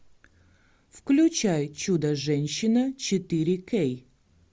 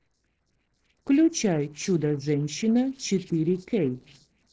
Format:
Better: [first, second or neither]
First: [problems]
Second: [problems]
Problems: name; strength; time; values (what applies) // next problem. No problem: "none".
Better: first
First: none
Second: noise reduction (neural separator model SepFormer DNS4)